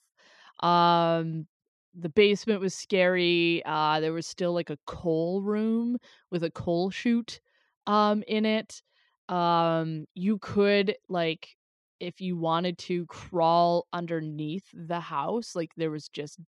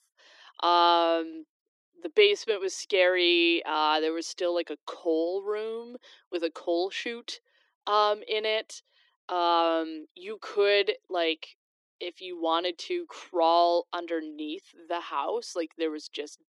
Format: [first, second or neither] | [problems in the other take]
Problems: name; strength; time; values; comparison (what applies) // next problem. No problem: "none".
first | thin; very; fading below 300 Hz